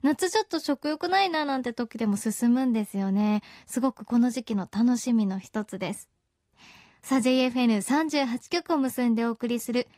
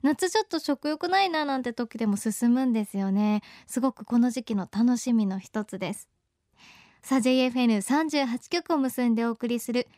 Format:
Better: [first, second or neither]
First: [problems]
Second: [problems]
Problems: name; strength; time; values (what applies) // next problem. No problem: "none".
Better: second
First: garbled, watery; slightly; nothing above 15.5 kHz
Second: none